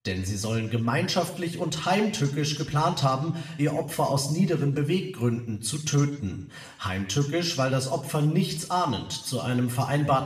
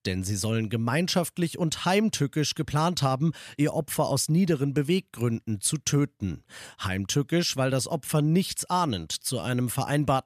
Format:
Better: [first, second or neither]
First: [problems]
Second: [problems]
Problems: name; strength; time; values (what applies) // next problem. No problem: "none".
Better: second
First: room echo; slight; dies away in 0.7 s // off-mic speech; somewhat distant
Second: none